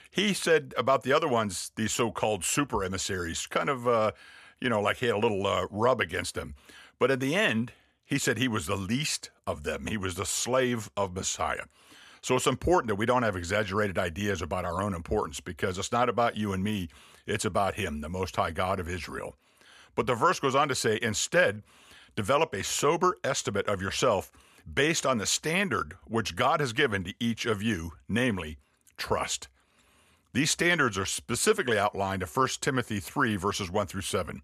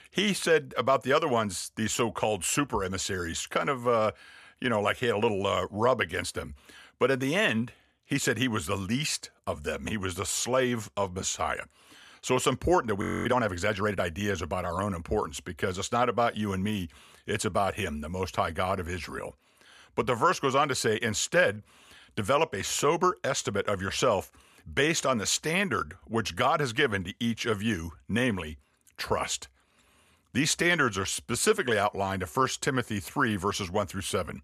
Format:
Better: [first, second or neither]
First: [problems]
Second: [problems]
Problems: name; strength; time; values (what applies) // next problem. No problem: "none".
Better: first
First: none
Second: audio freezing; at 13 s